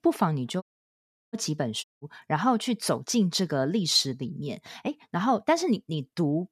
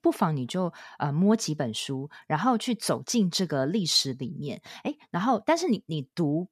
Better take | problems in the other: second | audio cutting out; at 0.5 s for 0.5 s and at 2 s

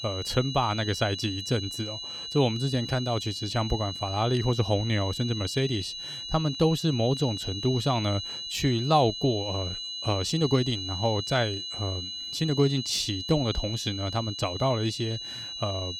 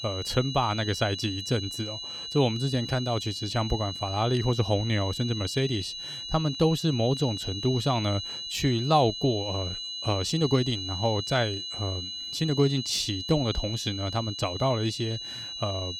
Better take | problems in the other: neither | high-pitched whine; loud; throughout; 4 kHz, 6 dB below the speech; the same in both

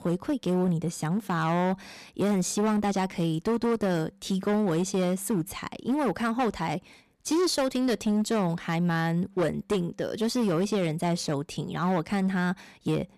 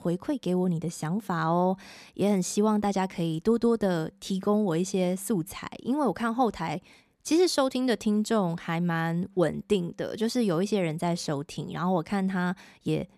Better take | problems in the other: second | distortion; slight; 12% of the sound clipped

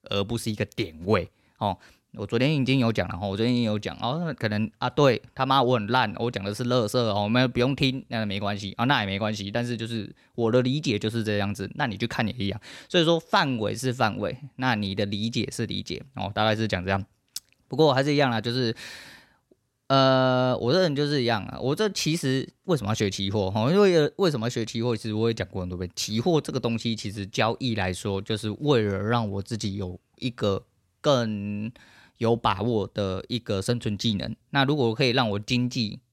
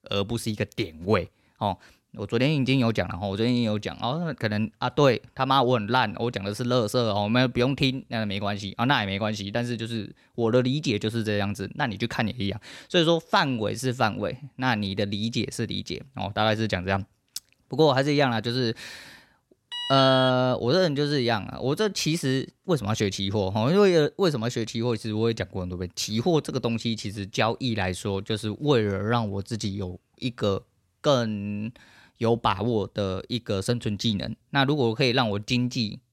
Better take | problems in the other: first | alarm; noticeable; at 20 s; peak 3 dB below the speech

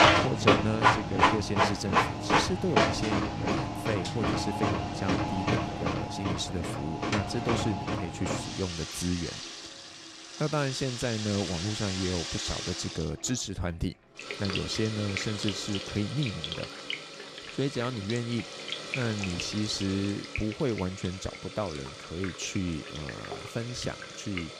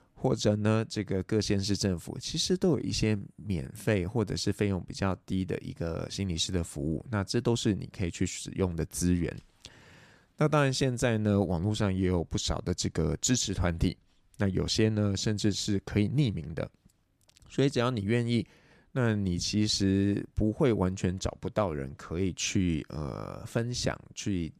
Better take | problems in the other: second | household noises; very loud; throughout; 2 dB above the speech

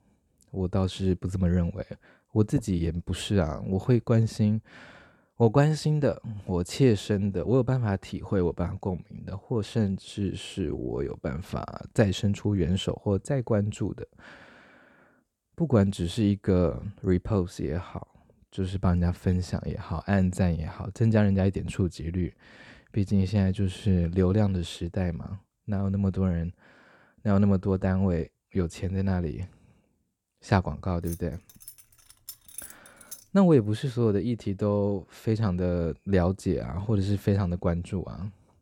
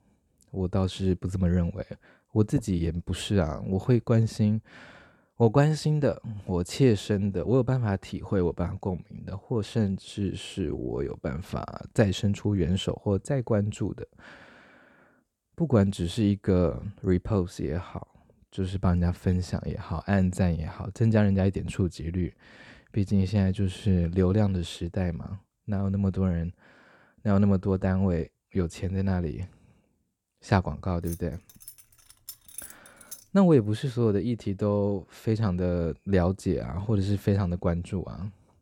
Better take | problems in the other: neither | jangling keys; faint; from 31 to 33 s; peak 15 dB below the speech; the same in both

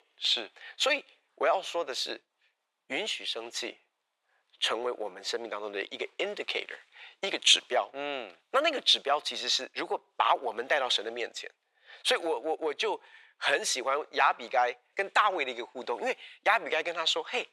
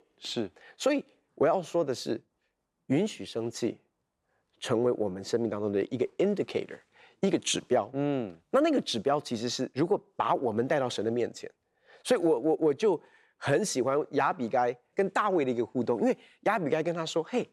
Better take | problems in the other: second | thin; very; fading below 800 Hz

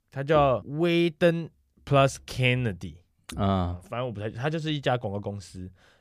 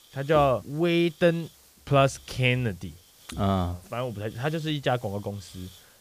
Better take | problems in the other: first | hiss; faint; throughout; 25 dB below the speech

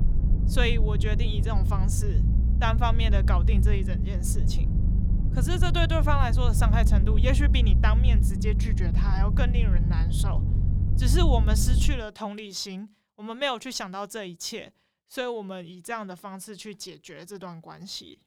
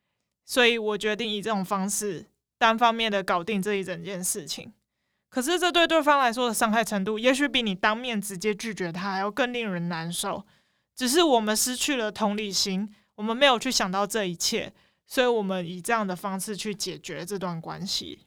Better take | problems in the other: second | low rumble; loud; until 12 s; 8 dB below the speech

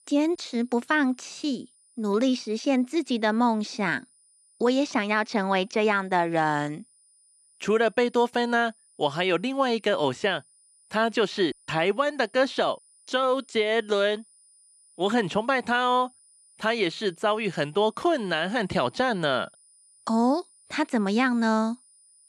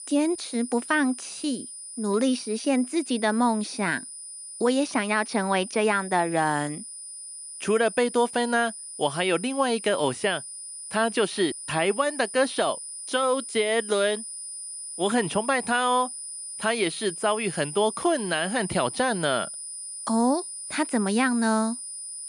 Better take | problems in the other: first | high-pitched whine; loud; throughout; 9.5 kHz, 10 dB below the speech; faint in the first

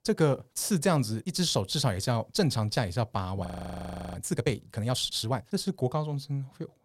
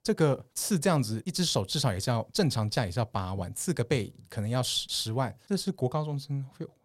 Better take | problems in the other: second | audio freezing; at 3.5 s for 0.5 s

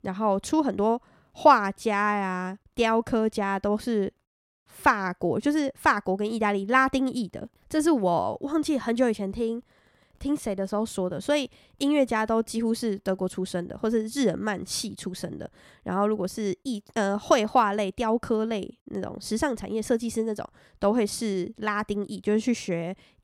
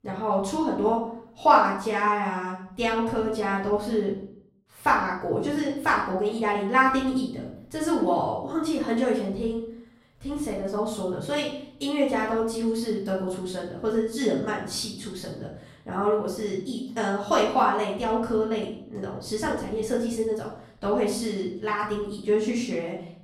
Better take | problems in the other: first | off-mic speech; far // room echo; noticeable; dies away in 0.6 s

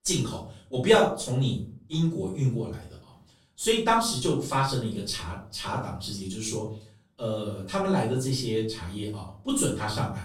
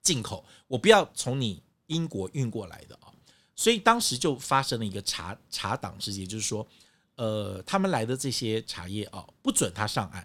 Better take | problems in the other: second | off-mic speech; far // room echo; noticeable; dies away in 0.4 s

